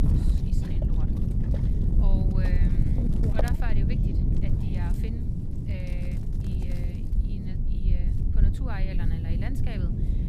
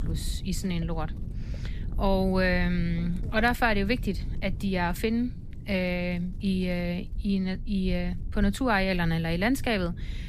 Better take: second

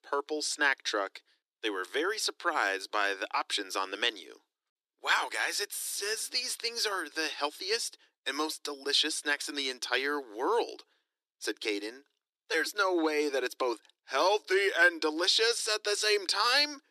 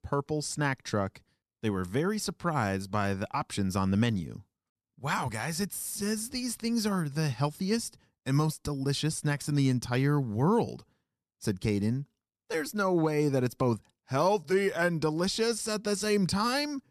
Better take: second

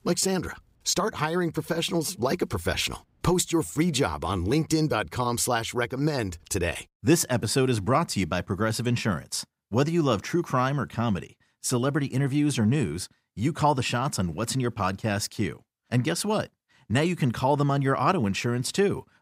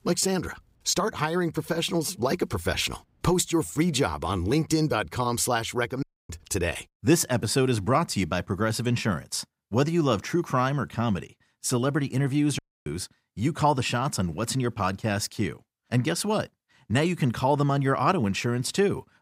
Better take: first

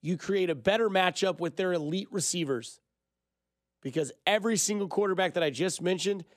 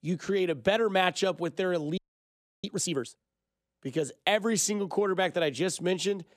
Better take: first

